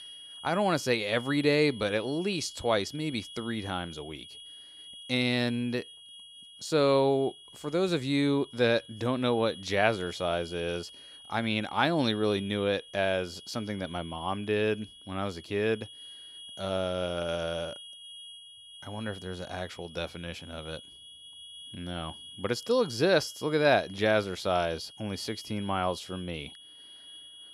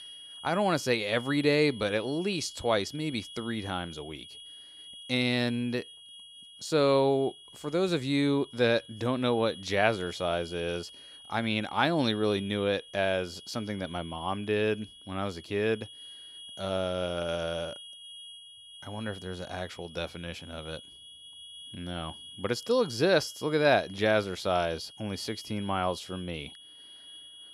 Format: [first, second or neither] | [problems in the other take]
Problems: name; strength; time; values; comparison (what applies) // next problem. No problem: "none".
neither | high-pitched whine; noticeable; throughout; 3.5 kHz, 15 dB below the speech; the same in both